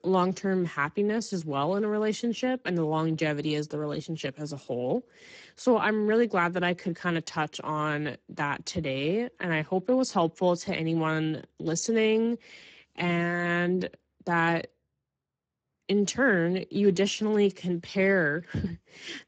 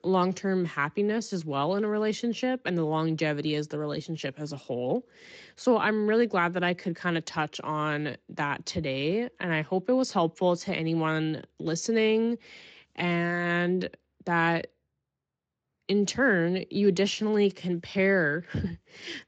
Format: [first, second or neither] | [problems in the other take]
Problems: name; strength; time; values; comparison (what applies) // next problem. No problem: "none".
second | garbled, watery; badly; nothing above 7.5 kHz; slightly in the second